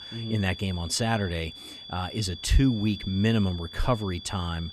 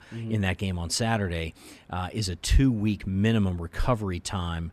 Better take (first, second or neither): second